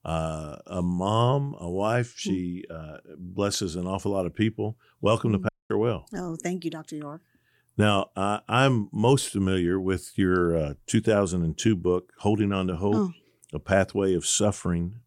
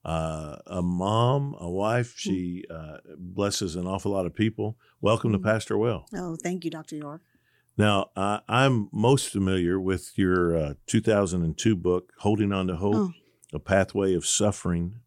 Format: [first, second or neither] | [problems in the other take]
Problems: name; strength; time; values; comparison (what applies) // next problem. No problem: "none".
second | audio cutting out; at 5.5 s